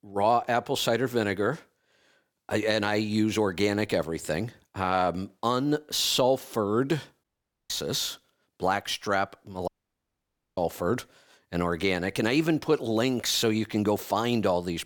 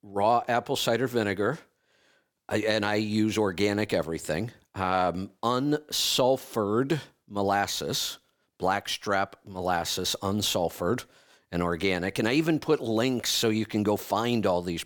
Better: second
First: audio cutting out; at 7 s and at 9.5 s for 1 s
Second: none

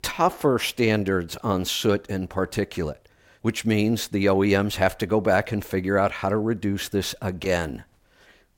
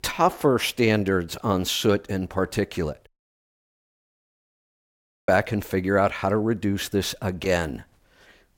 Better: first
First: none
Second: audio cutting out; at 3 s for 2 s

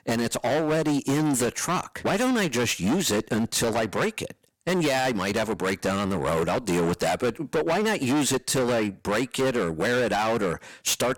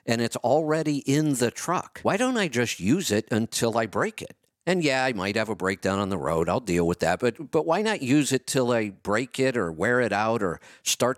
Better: second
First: distortion; heavy; 23% of the sound clipped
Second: none

